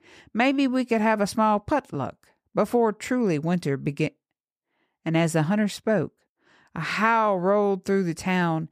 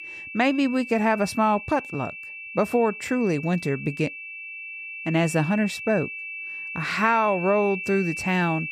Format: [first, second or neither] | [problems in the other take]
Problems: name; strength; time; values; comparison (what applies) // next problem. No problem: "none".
first | high-pitched whine; loud; throughout; 2.5 kHz, 9 dB below the speech